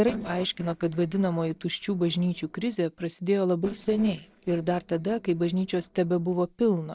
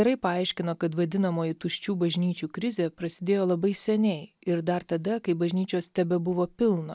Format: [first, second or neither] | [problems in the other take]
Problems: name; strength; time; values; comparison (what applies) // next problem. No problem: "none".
second | noise reduction (neural separator model SepFormer DNS4)